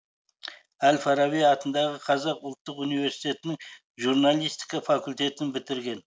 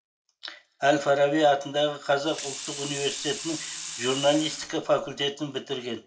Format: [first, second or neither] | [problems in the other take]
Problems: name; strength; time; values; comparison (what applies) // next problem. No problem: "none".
first | background sound (Sink (filling or washing) / Water tap, faucet); 10 dB below the speech // room echo; dies away in 0.5 s